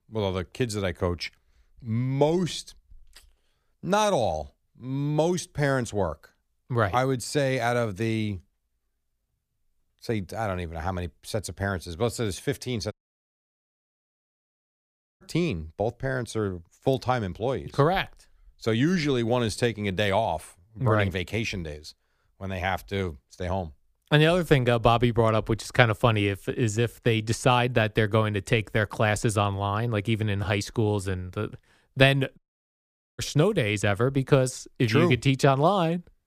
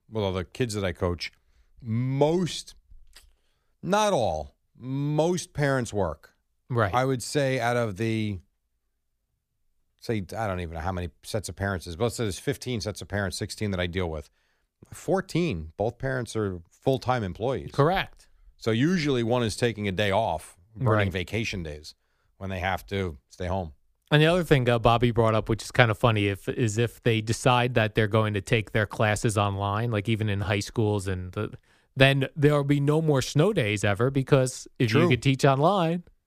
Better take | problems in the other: second | audio cutting out; at 13 s for 2.5 s and at 32 s for 1 s

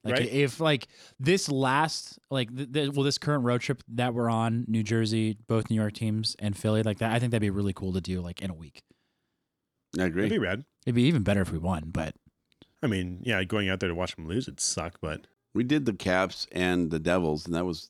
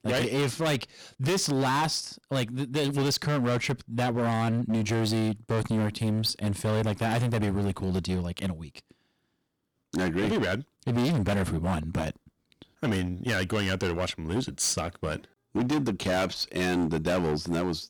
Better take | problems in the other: first | distortion; heavy; 19% of the sound clipped

